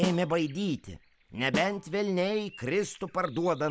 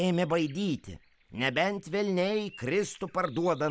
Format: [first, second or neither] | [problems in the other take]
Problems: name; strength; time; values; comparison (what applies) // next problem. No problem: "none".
second | background sound (Snare drum); 10 dB below the speech